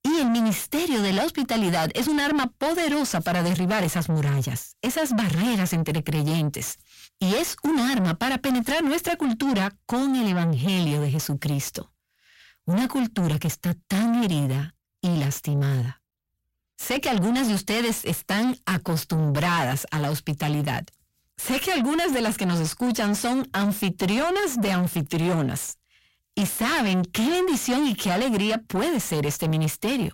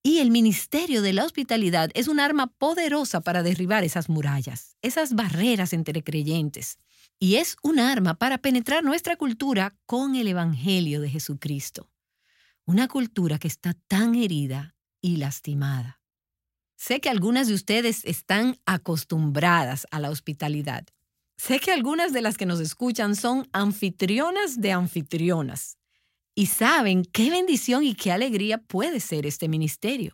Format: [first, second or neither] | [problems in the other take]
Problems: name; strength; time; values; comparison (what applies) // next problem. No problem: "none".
second | distortion; heavy; 7 dB below the speech